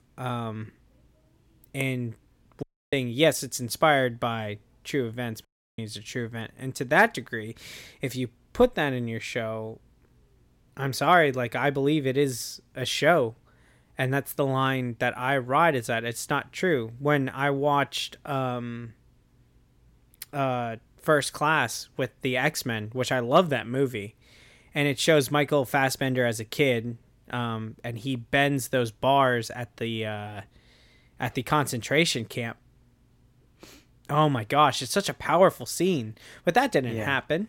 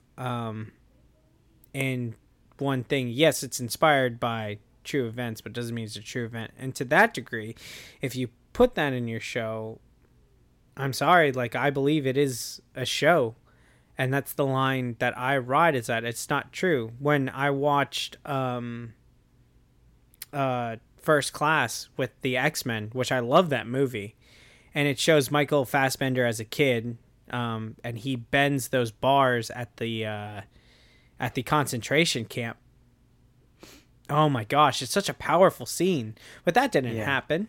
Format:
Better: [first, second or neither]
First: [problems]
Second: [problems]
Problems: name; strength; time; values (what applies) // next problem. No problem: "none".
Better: second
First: audio cutting out; at 2.5 s and at 5.5 s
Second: none